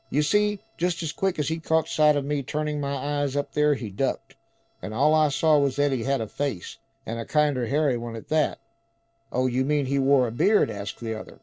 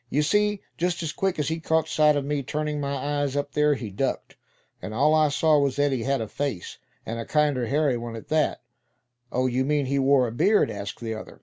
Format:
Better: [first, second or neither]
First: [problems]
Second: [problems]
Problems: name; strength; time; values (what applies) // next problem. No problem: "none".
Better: second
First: noise reduction (neural separator model SepFormer DNS4)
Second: none